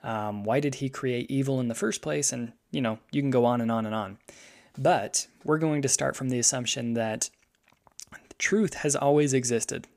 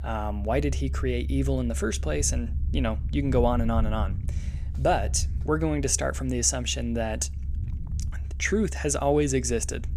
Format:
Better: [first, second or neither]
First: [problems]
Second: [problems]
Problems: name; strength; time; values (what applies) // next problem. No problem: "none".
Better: first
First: none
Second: low rumble; faint; throughout; 20 dB below the speech